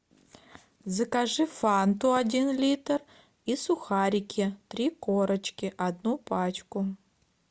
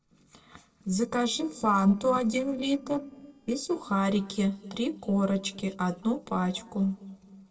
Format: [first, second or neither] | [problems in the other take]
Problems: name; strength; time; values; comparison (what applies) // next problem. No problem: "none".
first | noise reduction (neural separator model SepFormer DNS4)